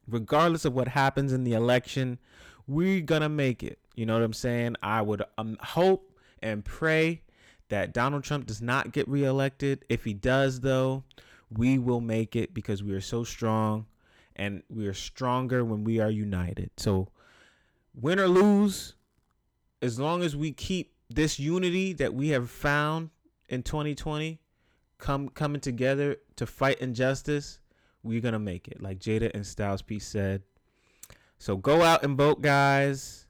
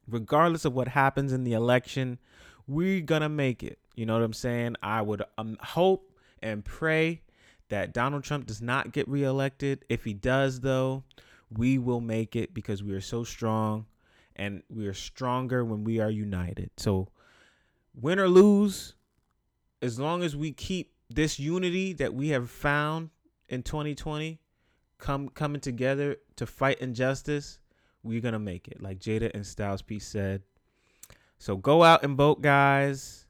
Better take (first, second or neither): second